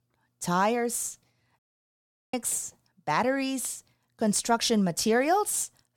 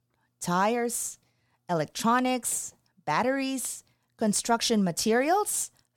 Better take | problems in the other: second | audio cutting out; at 1.5 s for 0.5 s

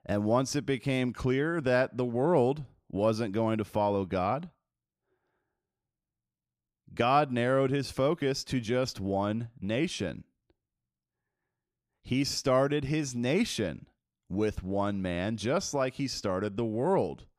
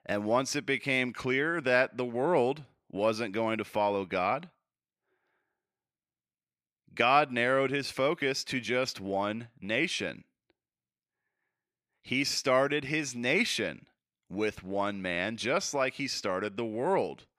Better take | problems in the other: first | thin; very slightly; fading below 650 Hz

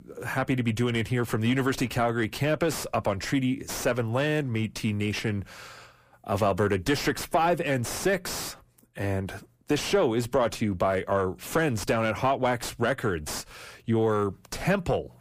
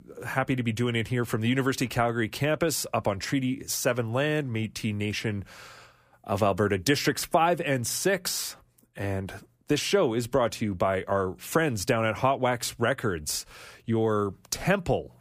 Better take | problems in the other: second | distortion; slight; 9 dB below the speech

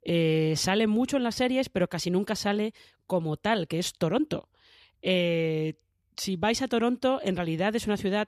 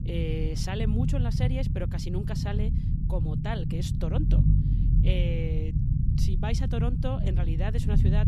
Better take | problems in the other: first | low rumble; loud; throughout; 3 dB below the speech

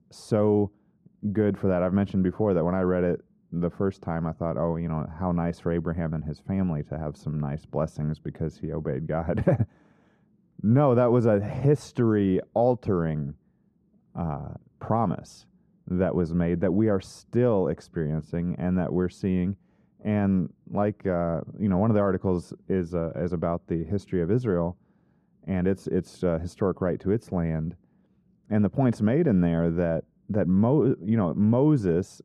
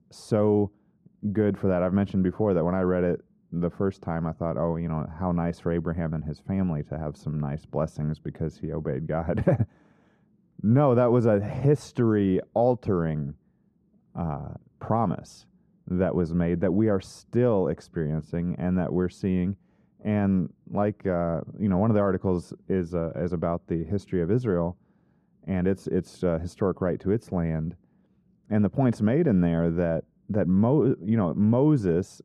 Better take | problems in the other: neither | muffled; very; fading above 1.5 kHz; the same in both

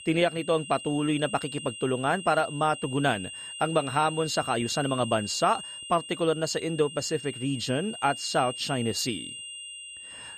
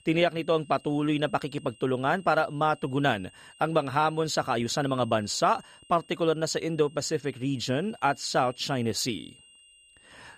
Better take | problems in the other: second | high-pitched whine; loud; throughout; 3 kHz, 10 dB below the speech; faint in the second

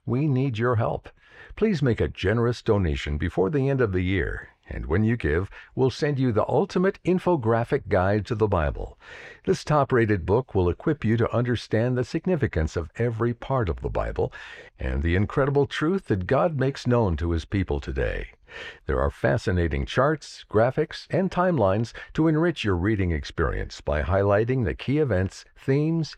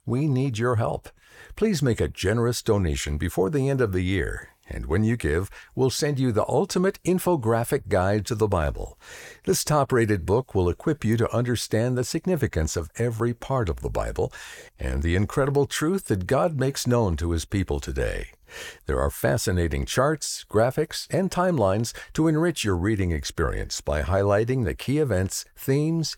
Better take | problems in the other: second | muffled; slightly; fading above 3 kHz

